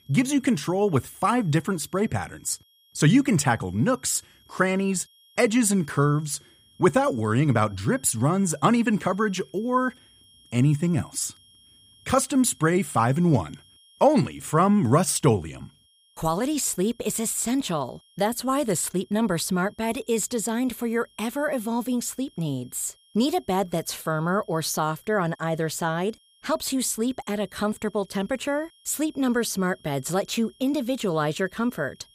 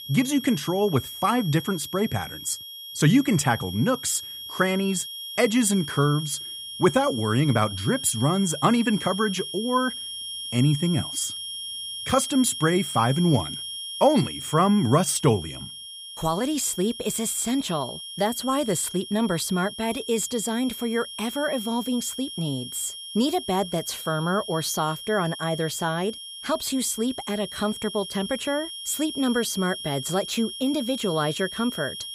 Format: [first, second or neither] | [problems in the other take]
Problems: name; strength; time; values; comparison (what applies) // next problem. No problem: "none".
first | high-pitched whine; loud; throughout; 3 kHz, 9 dB below the speech; faint in the first